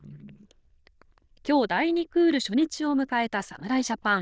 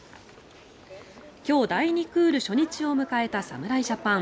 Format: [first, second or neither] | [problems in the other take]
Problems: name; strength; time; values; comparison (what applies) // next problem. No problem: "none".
second | noise reduction (neural diffusion model UNIVERSE++)